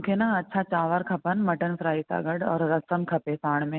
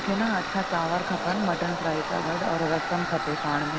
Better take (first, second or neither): first